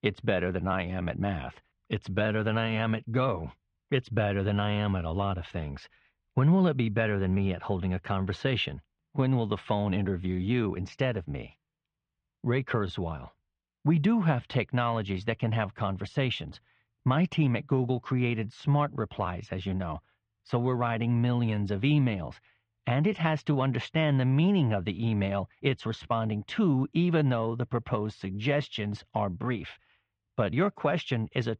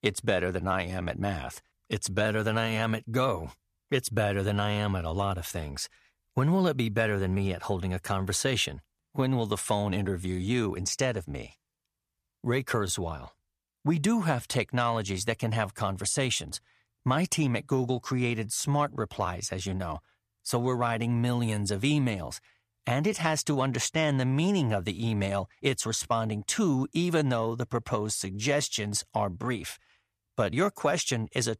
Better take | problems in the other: second | muffled; very; fading above 3 kHz

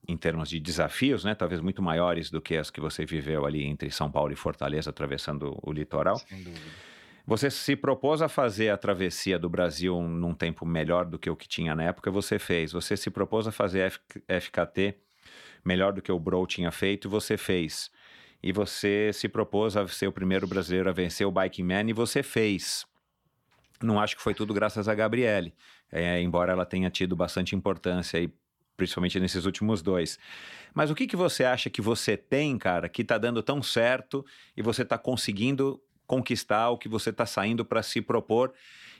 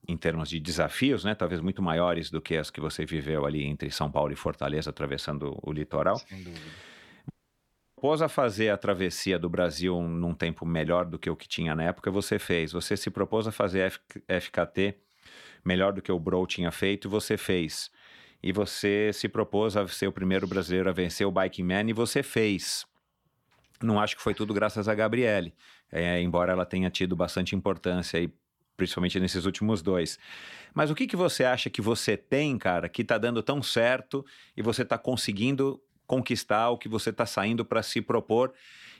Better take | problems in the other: first | audio cutting out; at 7.5 s for 0.5 s

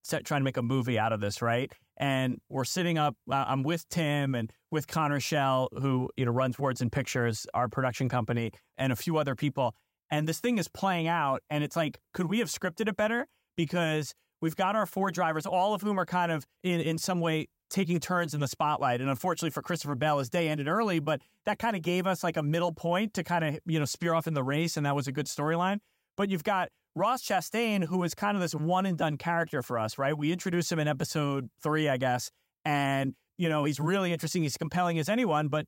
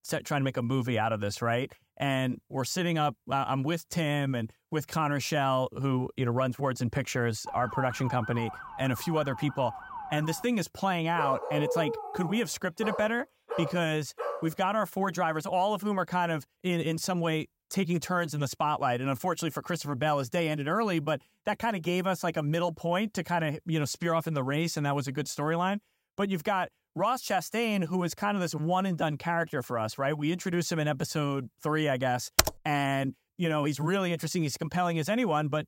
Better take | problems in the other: first | siren; noticeable; from 7.5 to 10 s; peak 8 dB below the speech // dog barking; noticeable; from 11 to 14 s; peak 2 dB below the speech // keyboard typing; loud; at 32 s; peak 4 dB above the speech

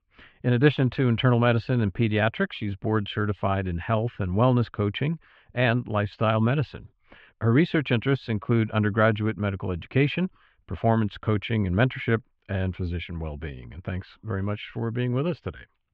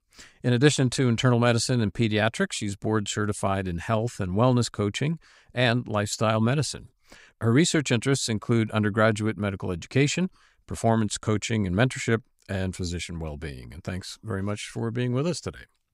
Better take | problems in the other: second | muffled; very; fading above 3 kHz

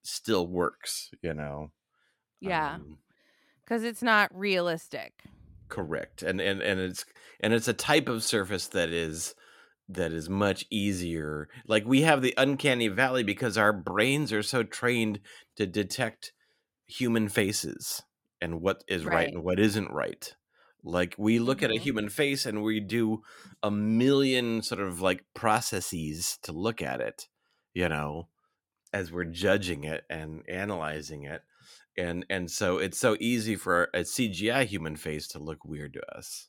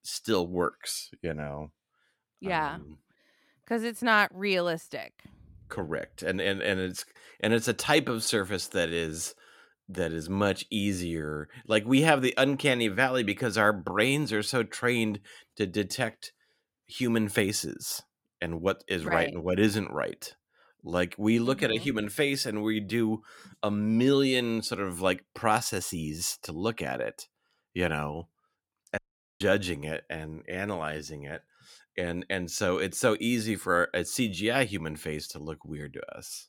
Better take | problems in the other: first | audio cutting out; at 29 s

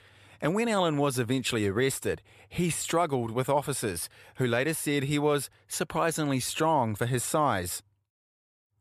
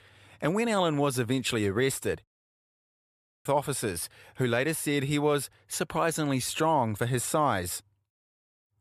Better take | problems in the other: first | audio cutting out; at 2 s for 1 s

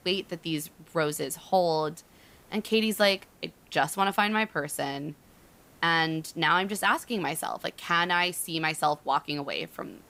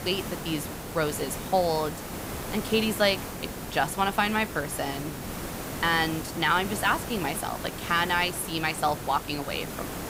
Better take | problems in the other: first | hiss; loud; throughout; 8 dB below the speech; faint in the first

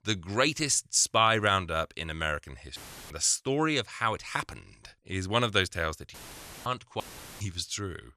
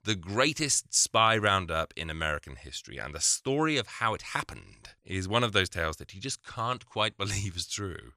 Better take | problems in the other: second | audio cutting out; filled with static; at 3 s, at 6 s for 0.5 s and at 7 s

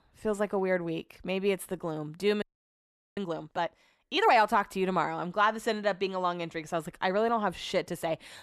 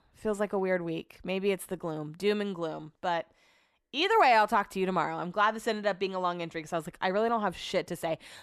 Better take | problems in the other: second | audio freezing; at 2.5 s for 1 s

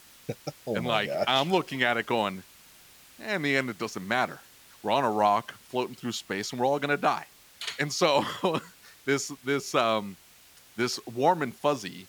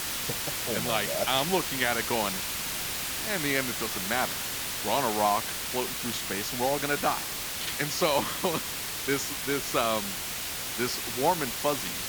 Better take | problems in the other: first | hiss; loud; throughout; 1 dB below the speech; faint in the first

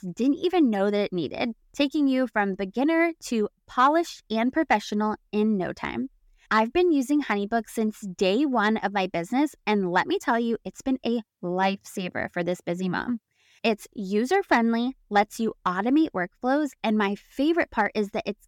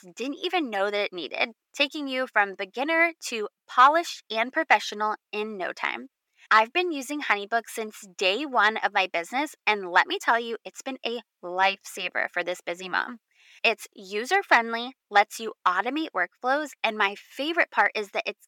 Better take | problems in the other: first | thin; very; fading below 550 Hz

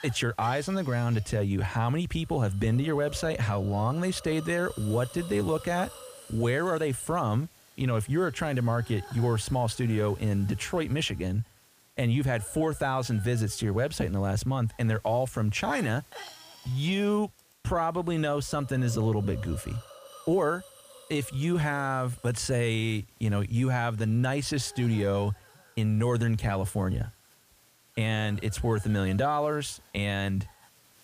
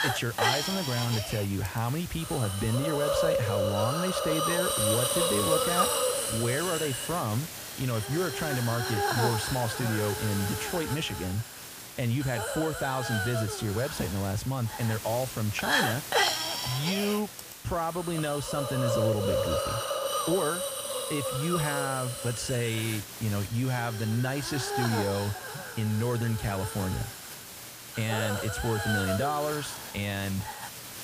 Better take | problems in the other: first | hiss; loud; throughout; as loud as the speech; faint in the first

